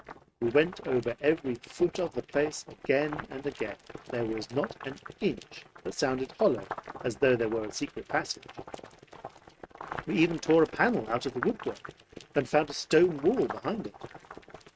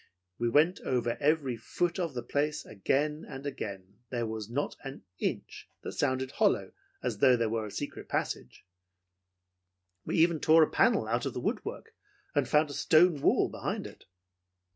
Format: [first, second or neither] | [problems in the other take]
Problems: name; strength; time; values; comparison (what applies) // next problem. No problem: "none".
second | noise reduction (neural mask model RNNoise)